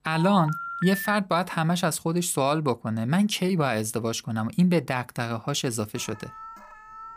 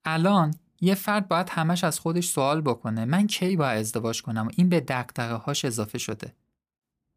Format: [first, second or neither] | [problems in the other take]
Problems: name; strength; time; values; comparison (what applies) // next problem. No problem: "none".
second | phone ringing; noticeable; until 1 s; peak 6 dB below the speech // alarm; faint; from 6 s on; peak 15 dB below the speech